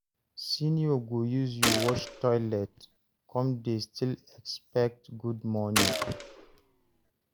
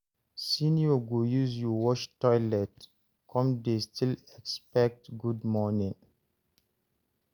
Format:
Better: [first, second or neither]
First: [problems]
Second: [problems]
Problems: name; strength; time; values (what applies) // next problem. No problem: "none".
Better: second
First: background sound (Gunshot, gunfire); 1 dB below the speech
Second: none